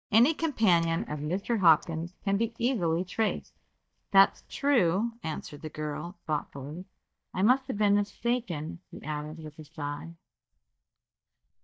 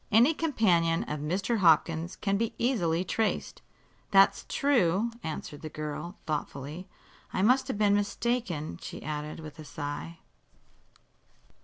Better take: second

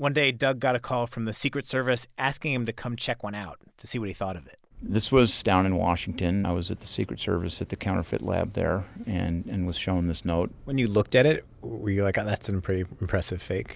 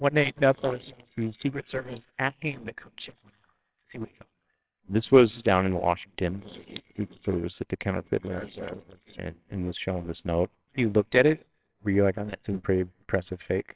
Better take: first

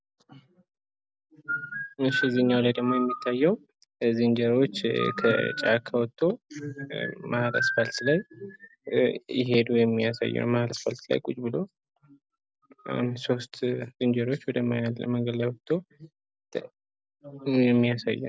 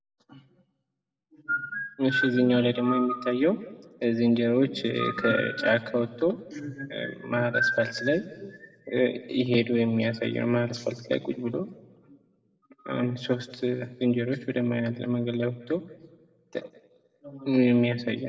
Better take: first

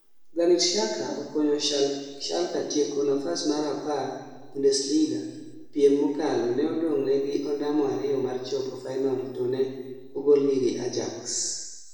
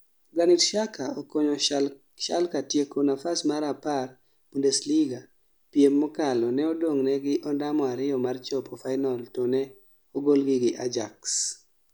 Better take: second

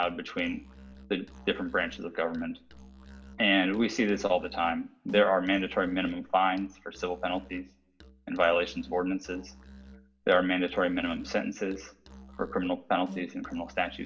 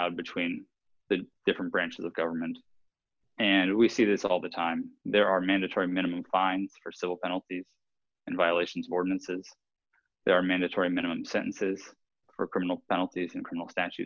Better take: second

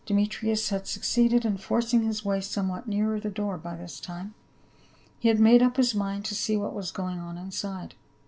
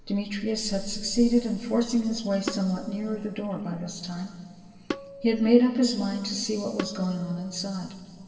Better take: first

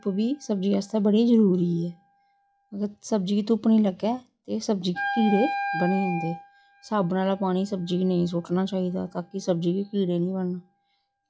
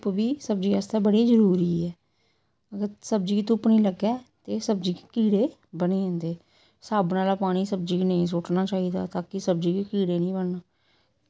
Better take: second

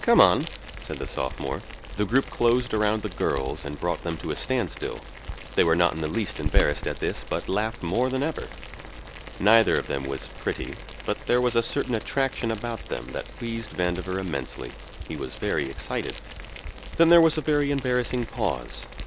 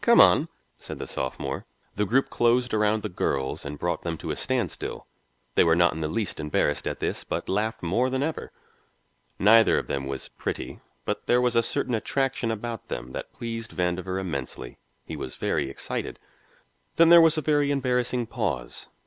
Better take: second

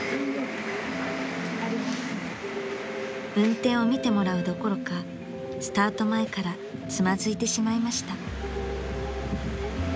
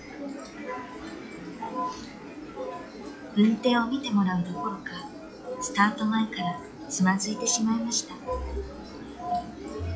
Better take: first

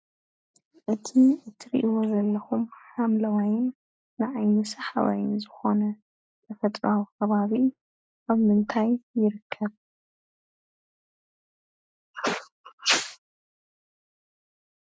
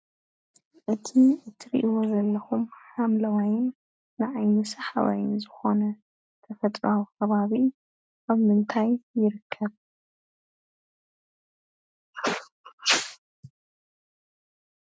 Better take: second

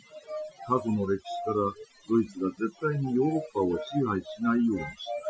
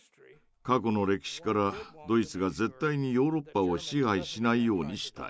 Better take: second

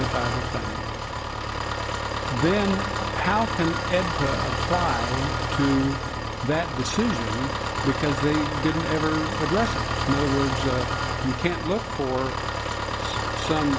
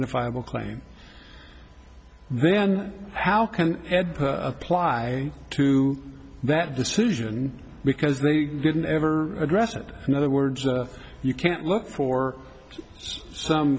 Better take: second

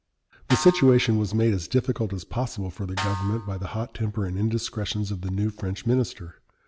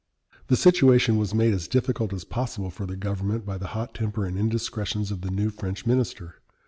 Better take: second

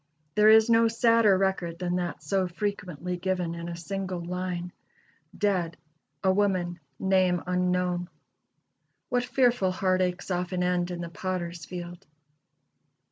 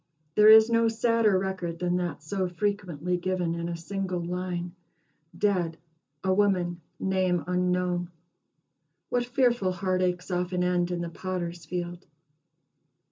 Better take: first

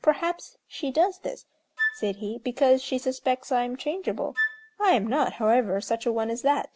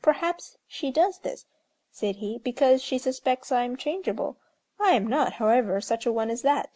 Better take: second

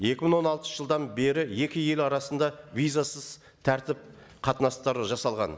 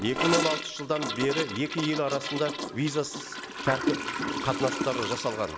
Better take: first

